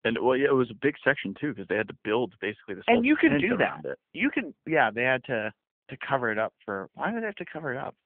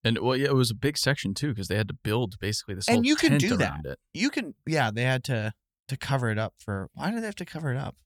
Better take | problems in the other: second | phone-call audio; nothing above 3 kHz

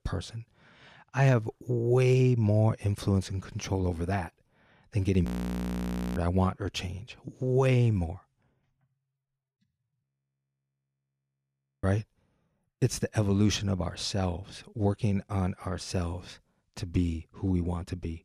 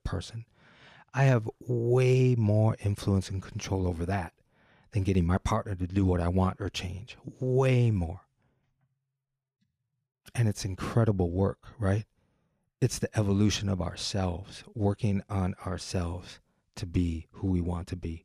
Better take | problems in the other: second | audio freezing; at 5.5 s for 1 s and at 10 s for 2 s

